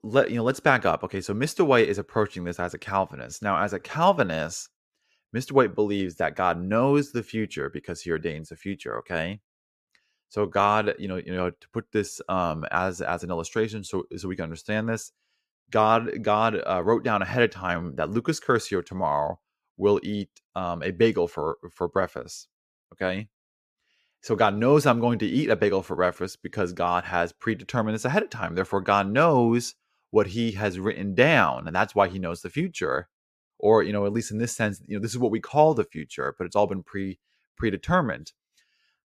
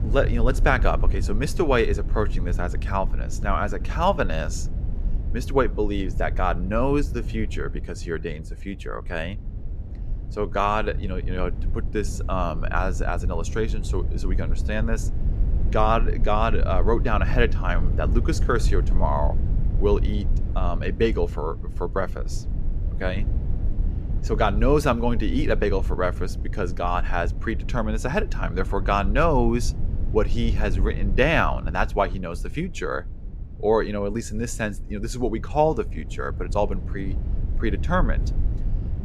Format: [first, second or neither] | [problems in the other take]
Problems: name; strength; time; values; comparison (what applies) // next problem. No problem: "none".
first | low rumble; noticeable; throughout; 20 dB below the speech